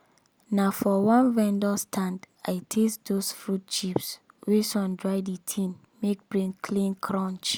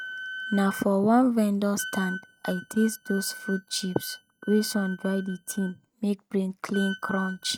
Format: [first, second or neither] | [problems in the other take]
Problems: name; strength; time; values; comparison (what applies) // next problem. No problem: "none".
first | noise reduction (neural mask model RNNoise)